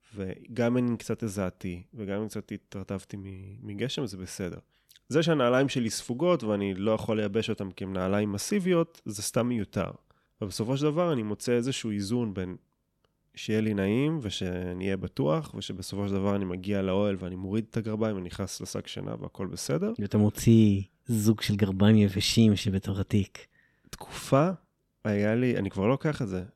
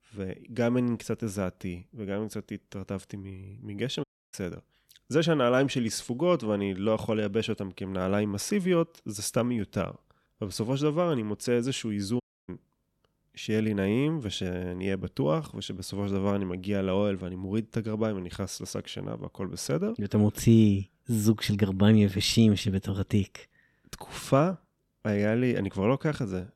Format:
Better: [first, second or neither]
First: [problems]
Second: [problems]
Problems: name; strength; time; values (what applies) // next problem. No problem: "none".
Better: first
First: none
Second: audio cutting out; at 4 s and at 12 s